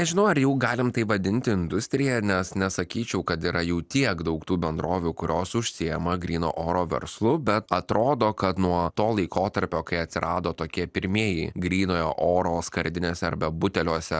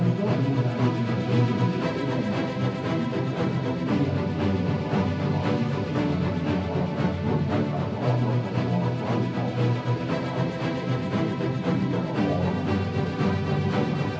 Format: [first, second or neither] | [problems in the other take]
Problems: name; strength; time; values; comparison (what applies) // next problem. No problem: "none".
first | background sound (Musical instrument); 4 dB above the speech // room echo; dies away in 0.9 s